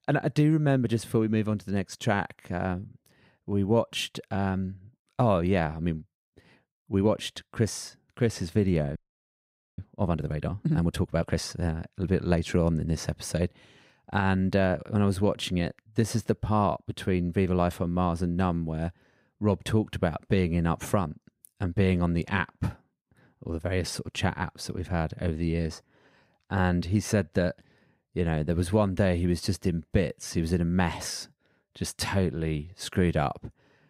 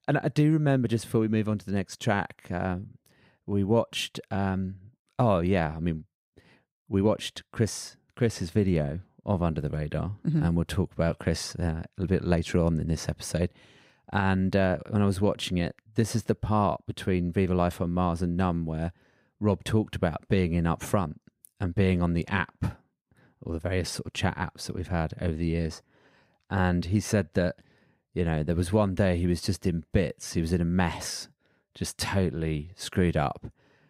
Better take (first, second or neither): second